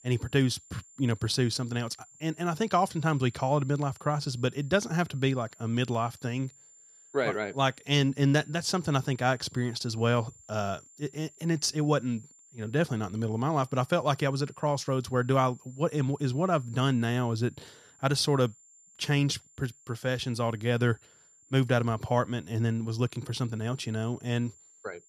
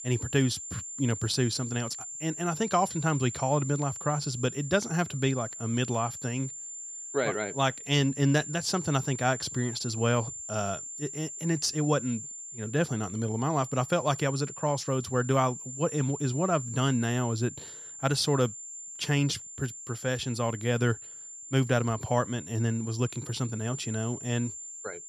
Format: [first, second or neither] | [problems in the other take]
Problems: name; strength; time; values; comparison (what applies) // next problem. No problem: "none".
first | high-pitched whine; loud; throughout; 7 kHz, 9 dB below the speech; faint in the first